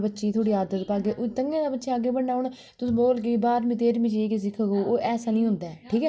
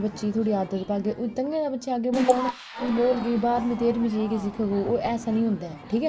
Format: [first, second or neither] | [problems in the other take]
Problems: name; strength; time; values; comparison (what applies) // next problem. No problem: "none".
first | noise reduction (neural mask model Resemble Enhance denoiser)